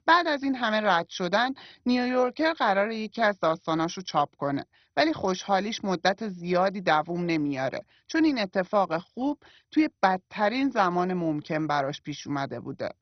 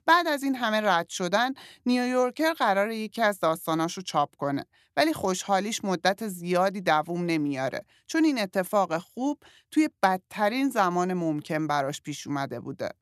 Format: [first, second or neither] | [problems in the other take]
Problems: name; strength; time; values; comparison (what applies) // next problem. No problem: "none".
second | garbled, watery; badly; nothing above 6 kHz